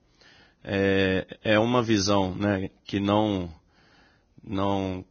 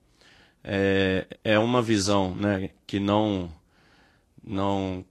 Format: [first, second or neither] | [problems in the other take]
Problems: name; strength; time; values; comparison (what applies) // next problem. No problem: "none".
second | garbled, watery; badly; nothing above 6.5 kHz; slightly in the second